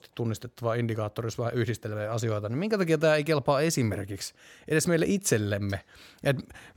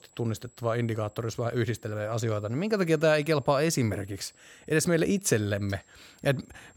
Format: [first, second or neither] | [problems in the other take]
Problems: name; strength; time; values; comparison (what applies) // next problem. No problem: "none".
first | high-pitched whine; faint; throughout; 7.5 kHz, 30 dB below the speech